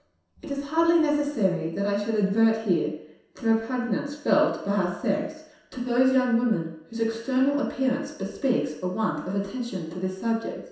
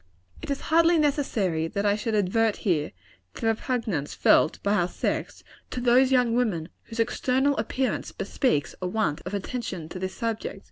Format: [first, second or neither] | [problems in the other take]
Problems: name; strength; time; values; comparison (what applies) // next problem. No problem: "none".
second | room echo; dies away in 0.7 s